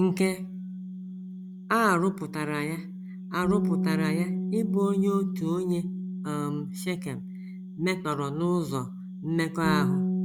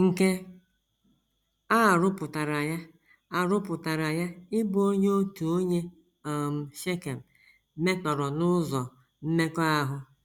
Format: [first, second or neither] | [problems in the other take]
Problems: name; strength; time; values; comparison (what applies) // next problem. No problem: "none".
second | background sound (Bass guitar); 3 dB below the speech